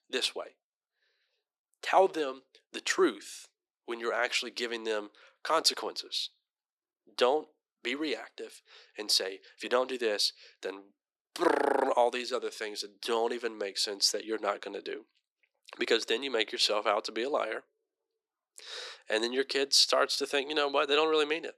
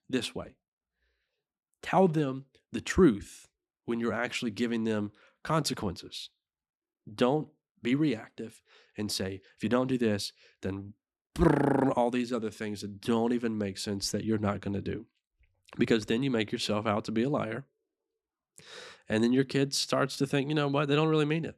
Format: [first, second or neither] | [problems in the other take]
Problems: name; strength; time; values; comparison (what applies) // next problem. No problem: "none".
second | thin; very; fading below 400 Hz